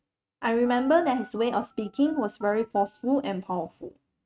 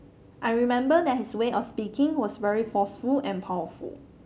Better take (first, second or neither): second